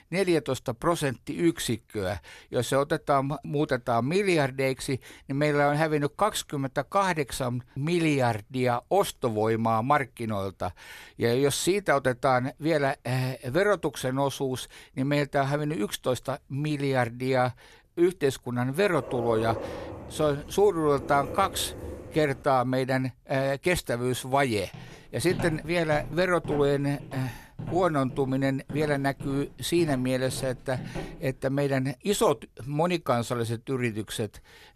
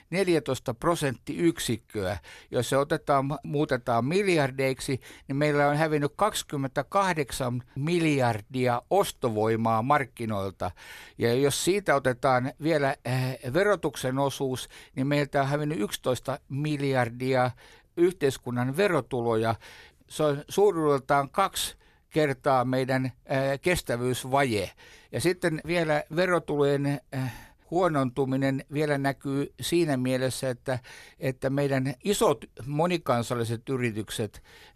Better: second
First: dog barking; noticeable; from 19 to 22 s; peak 7 dB below the speech // footsteps; noticeable; from 25 to 31 s; peak 7 dB below the speech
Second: none

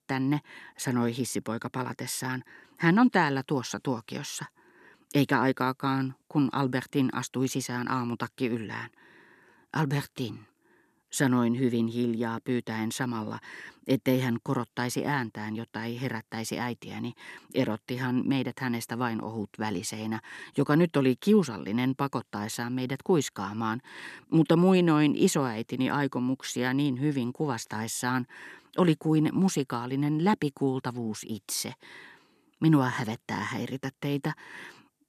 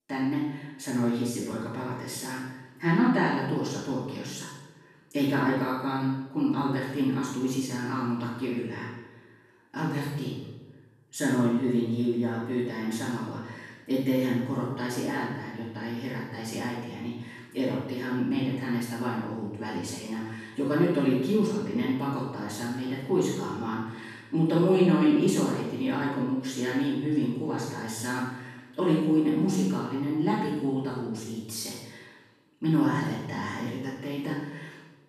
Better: first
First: none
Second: room echo; strong; dies away in 0.9 s // off-mic speech; far

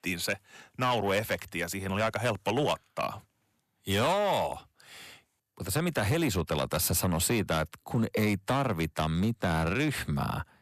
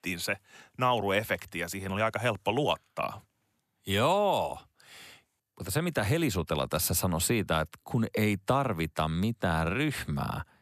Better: second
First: distortion; slight; 7% of the sound clipped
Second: none

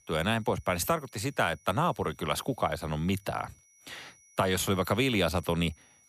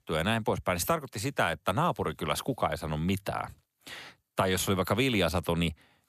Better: second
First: high-pitched whine; faint; throughout; 6 kHz, 30 dB below the speech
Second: none

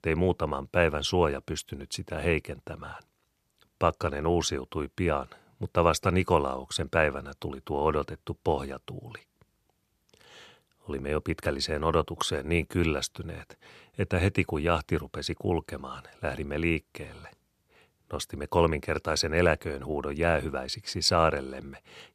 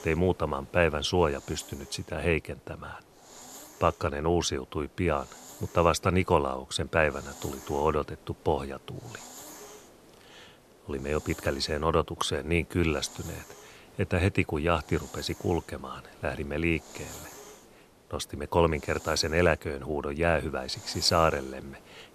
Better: first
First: none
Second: hiss; faint; throughout; 20 dB below the speech

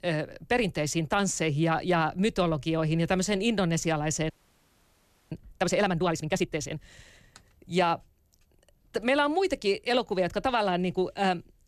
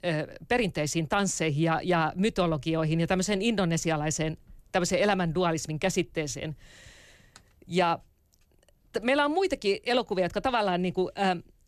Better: second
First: audio freezing; at 4.5 s for 1 s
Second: none

